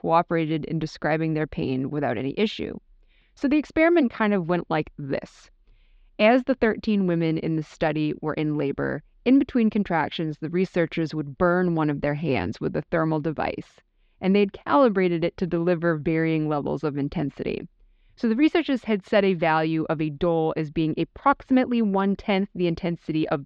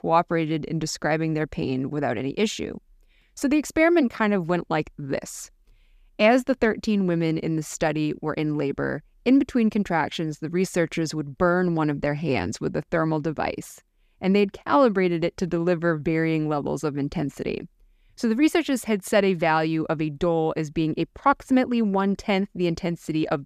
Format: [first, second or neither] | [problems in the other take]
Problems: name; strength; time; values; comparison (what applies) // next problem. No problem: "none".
second | muffled; slightly; fading above 4 kHz